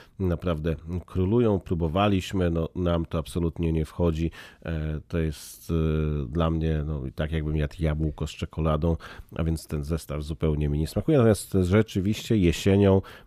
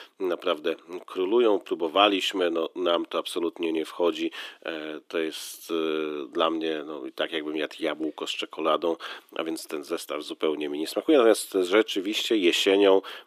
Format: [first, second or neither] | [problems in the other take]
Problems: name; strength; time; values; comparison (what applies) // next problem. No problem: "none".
first | thin; very; fading below 300 Hz